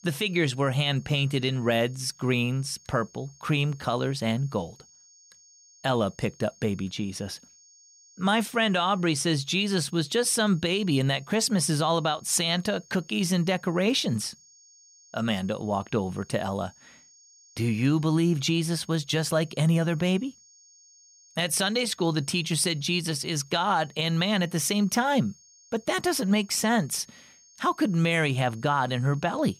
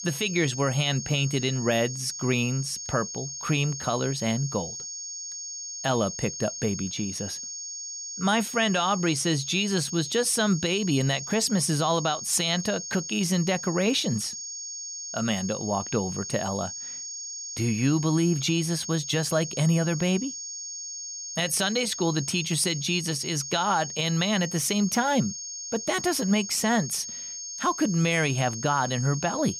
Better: first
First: high-pitched whine; faint; throughout; 6.5 kHz, 25 dB below the speech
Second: high-pitched whine; loud; throughout; 6.5 kHz, 7 dB below the speech

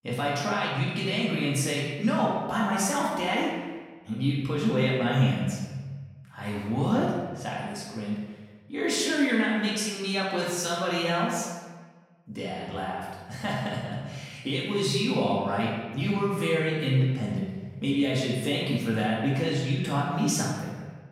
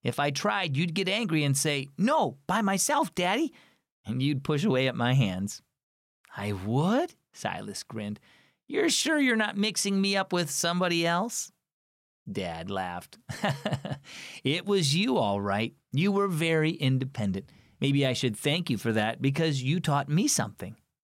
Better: second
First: off-mic speech; far // room echo; noticeable; dies away in 1.2 s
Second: none

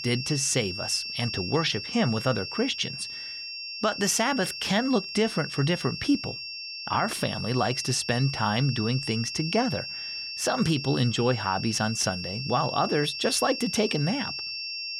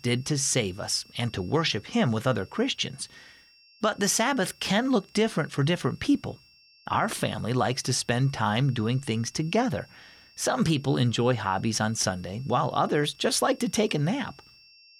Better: second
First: high-pitched whine; loud; throughout; 5.5 kHz, 6 dB below the speech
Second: high-pitched whine; faint; throughout; 5.5 kHz, 30 dB below the speech

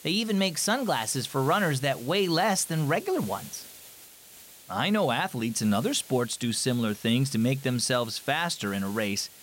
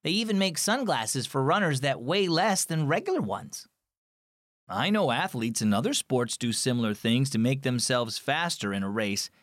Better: second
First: hiss; noticeable; throughout; 20 dB below the speech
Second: none

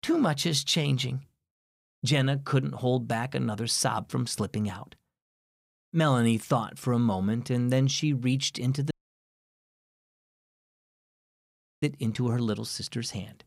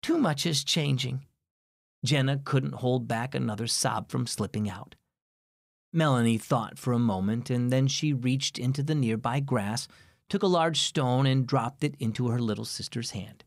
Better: second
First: audio cutting out; at 9 s for 3 s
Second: none

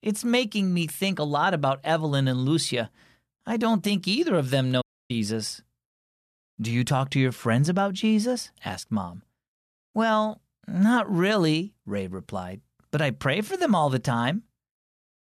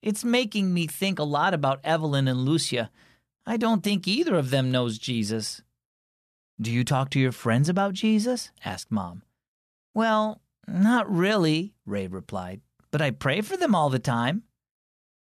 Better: second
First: audio cutting out; at 5 s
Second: none

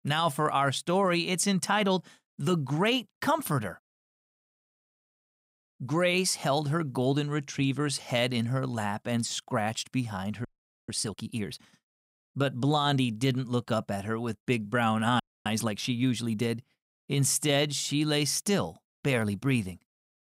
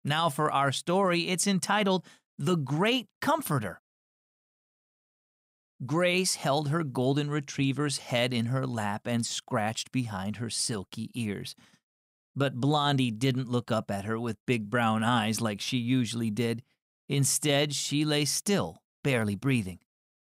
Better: second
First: audio freezing; at 10 s and at 15 s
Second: none

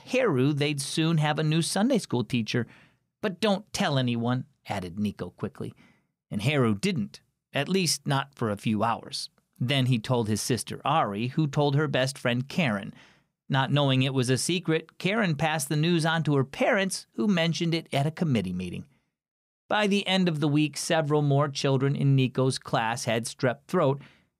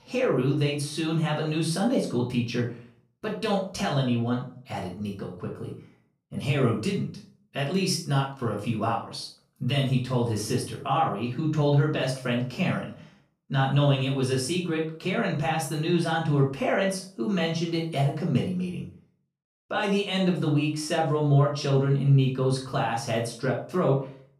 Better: first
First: none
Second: off-mic speech; far // room echo; noticeable; dies away in 0.4 s

